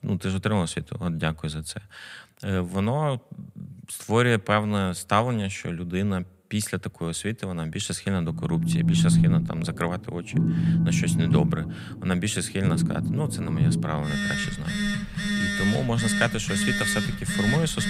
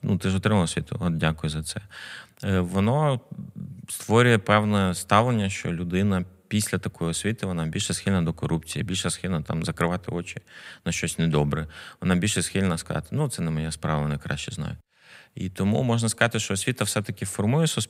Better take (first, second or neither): second